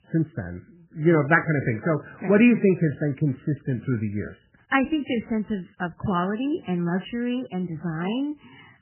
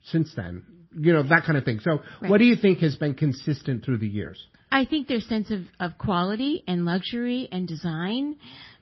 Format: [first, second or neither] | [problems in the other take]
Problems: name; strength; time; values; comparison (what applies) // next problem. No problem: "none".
second | garbled, watery; badly; nothing above 3 kHz; slightly in the second